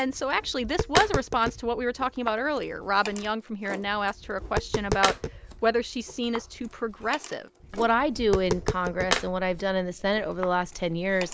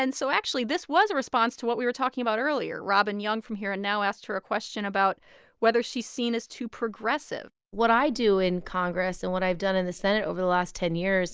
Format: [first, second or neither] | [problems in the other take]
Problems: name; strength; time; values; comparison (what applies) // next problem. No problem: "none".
second | background sound (Tap + Tools); 6 dB below the speech